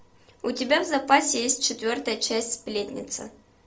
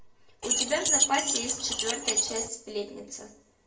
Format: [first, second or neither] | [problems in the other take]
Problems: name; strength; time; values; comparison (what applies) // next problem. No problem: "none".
first | background sound (Keys jangling); 5 dB above the speech // room echo; dies away in 0.6 s